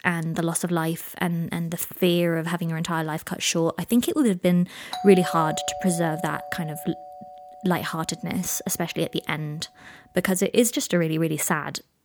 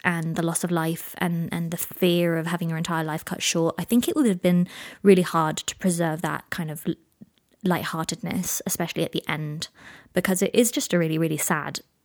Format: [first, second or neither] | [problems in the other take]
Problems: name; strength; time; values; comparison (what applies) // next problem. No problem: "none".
second | doorbell; noticeable; from 5 to 8 s; peak 6 dB below the speech